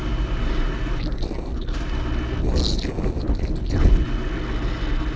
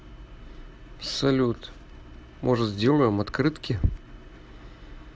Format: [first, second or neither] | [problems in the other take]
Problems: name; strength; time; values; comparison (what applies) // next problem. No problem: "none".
second | noise reduction (neural separator model SepFormer DNS4)